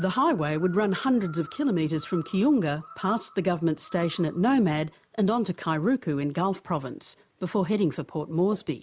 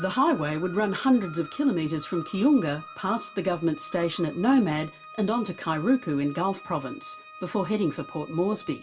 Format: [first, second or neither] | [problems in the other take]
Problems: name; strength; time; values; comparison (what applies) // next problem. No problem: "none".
first | background sound (Organ); 19 dB below the speech // room echo; dies away in 0.2 s